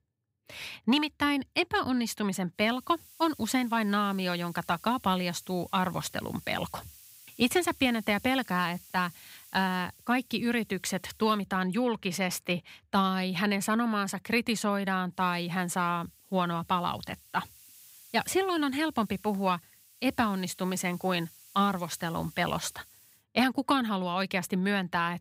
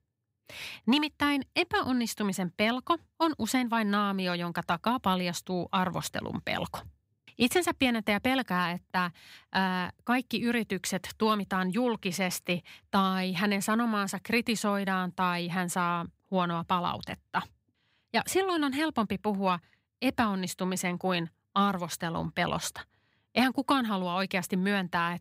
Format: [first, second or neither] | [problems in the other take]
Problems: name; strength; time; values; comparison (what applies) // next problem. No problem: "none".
second | hiss; faint; from 2.5 to 11 s and from 15 to 23 s; 20 dB below the speech